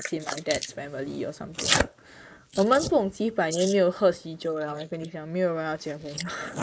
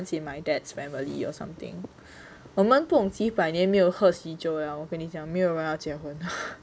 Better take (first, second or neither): second